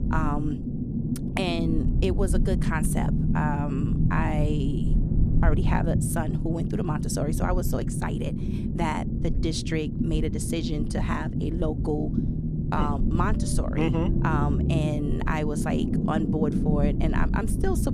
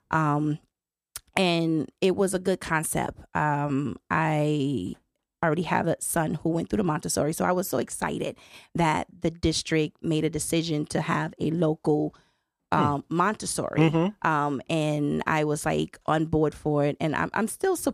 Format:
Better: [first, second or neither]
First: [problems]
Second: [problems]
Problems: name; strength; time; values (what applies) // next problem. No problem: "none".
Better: second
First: low rumble; loud; throughout; 4 dB below the speech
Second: none